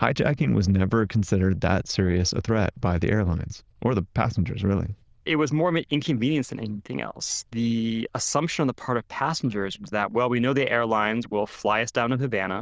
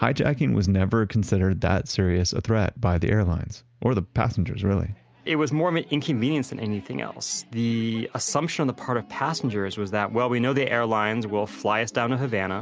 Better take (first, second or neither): second